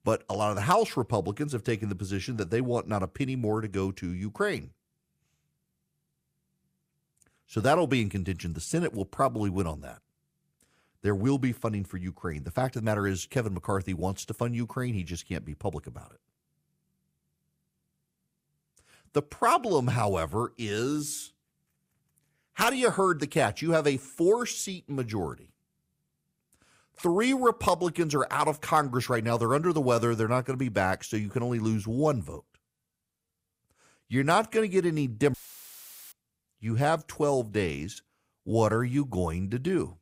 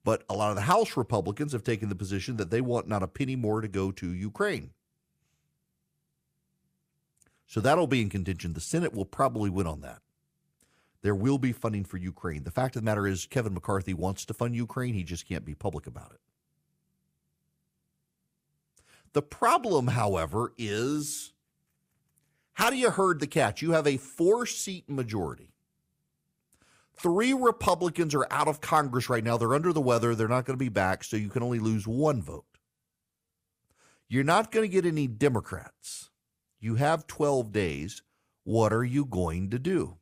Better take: second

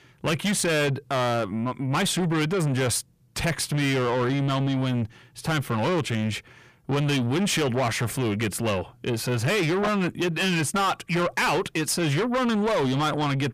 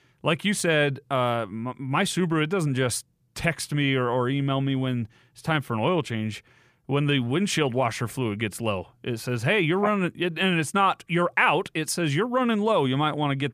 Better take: second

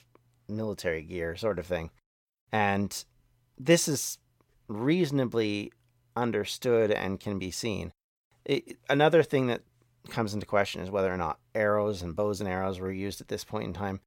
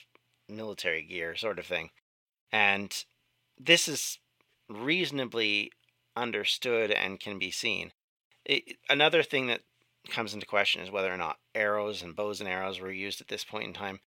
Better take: first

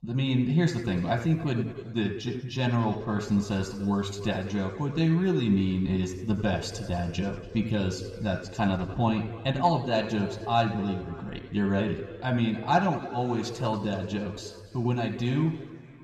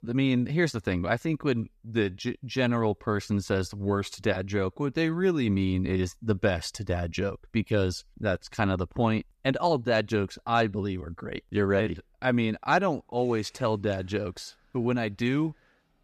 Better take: second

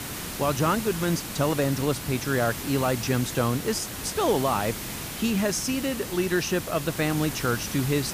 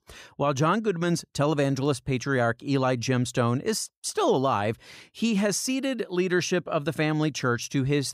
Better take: second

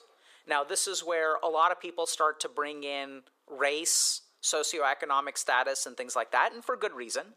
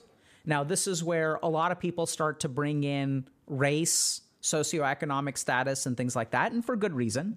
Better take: second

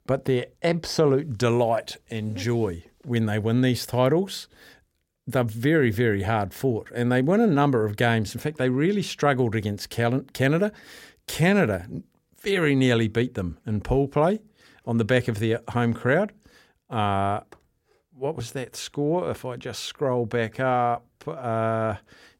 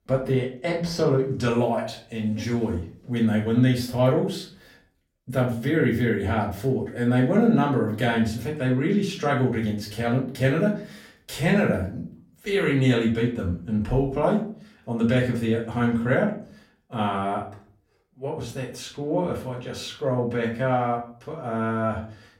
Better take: first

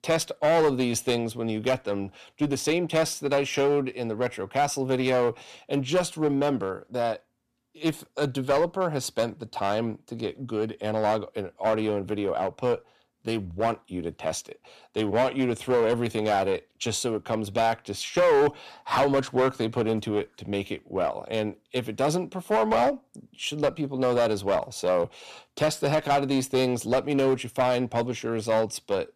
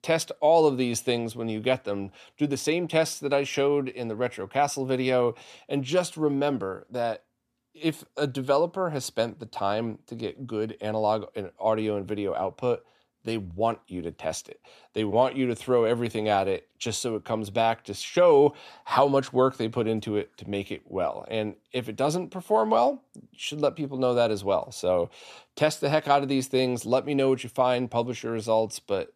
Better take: second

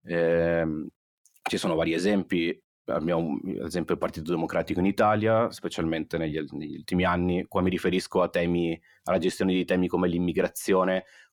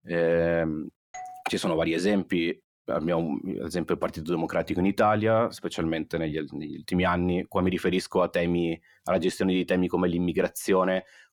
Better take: first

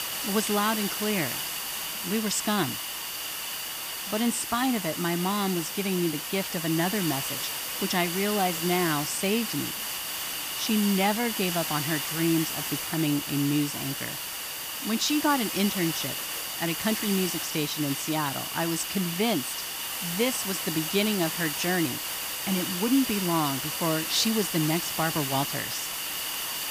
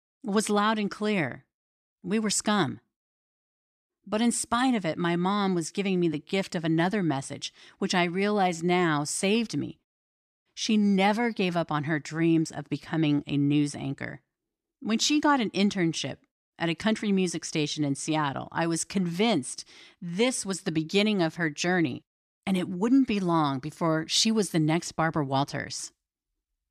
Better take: second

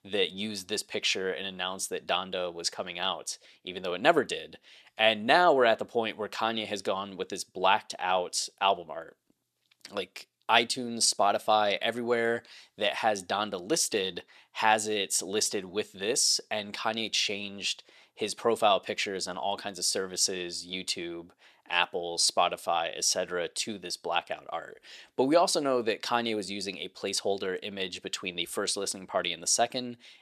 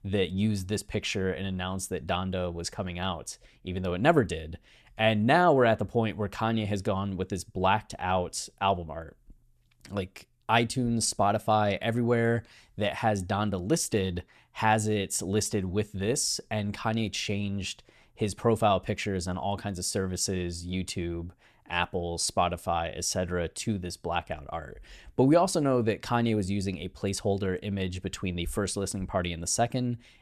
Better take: second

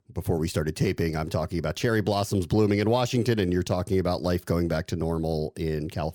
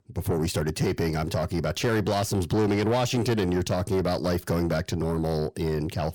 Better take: first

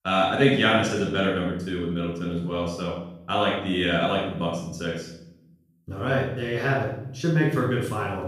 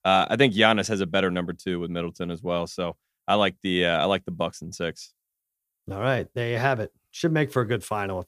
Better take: second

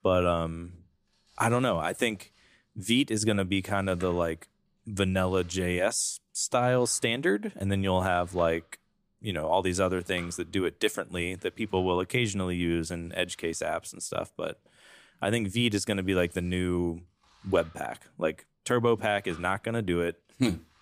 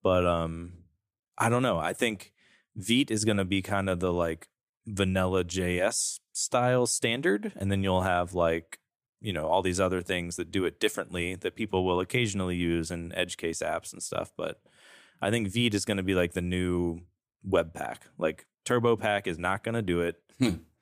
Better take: second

